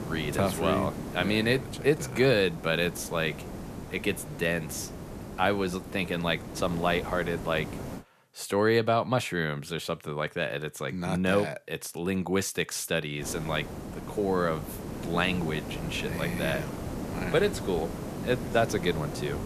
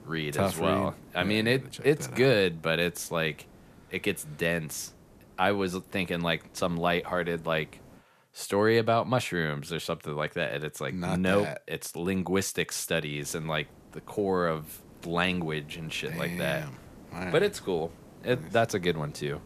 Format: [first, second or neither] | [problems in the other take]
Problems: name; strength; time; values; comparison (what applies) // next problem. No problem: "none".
second | hiss; loud; until 8 s and from 13 s on; 9 dB below the speech; faint in the second